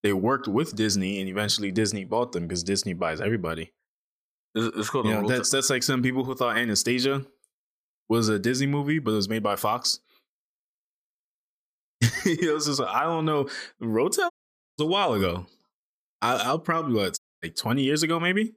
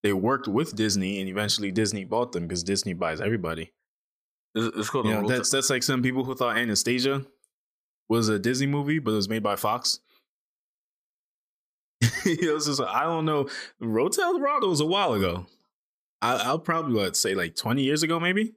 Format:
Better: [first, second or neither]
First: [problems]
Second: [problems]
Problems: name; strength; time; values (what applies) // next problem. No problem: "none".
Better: second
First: audio cutting out; at 14 s and at 17 s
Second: none